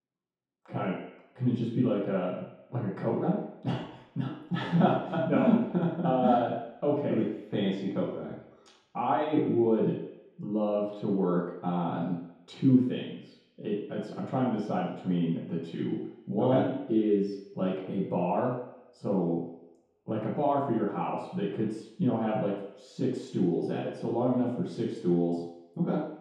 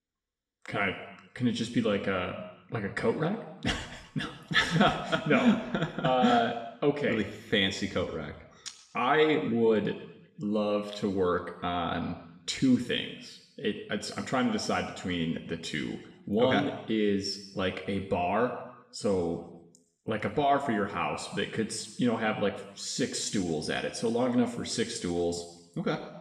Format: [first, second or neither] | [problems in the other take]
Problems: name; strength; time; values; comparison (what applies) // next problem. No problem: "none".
second | room echo; strong; dies away in 0.8 s; slight in the second // off-mic speech; far; somewhat distant in the second